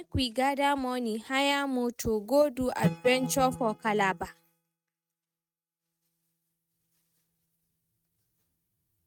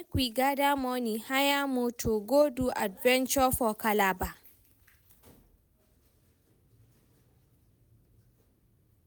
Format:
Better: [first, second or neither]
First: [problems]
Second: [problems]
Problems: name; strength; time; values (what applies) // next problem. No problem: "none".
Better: second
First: noise reduction (neural mask model RNNoise)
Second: none